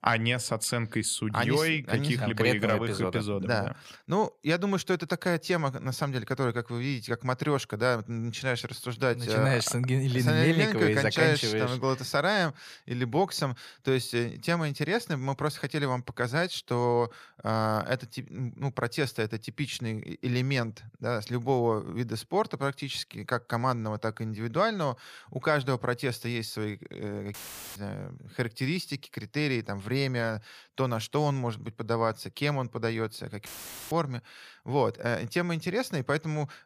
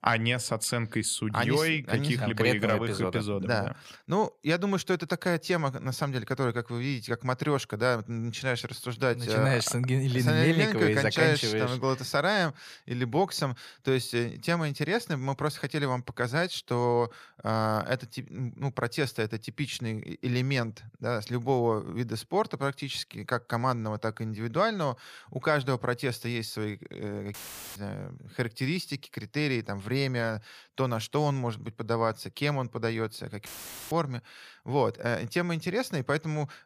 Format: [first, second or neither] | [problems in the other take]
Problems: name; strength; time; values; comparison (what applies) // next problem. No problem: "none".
neither | audio cutting out; filled with static; at 27 s and at 33 s; the same in both